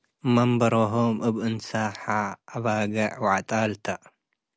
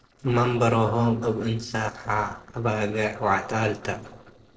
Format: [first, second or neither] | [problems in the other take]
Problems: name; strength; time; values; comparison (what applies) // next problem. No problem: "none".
first | noise reduction (neural separator model SepFormer DNS4)